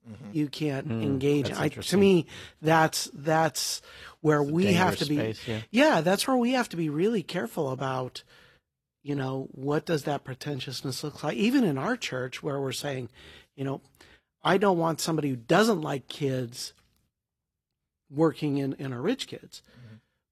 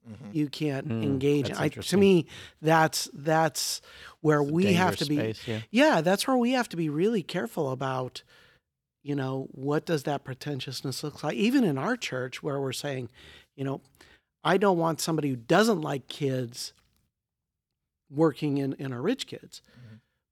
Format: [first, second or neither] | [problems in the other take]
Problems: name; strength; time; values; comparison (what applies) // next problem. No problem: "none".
second | garbled, watery; slightly; nothing above 13.5 kHz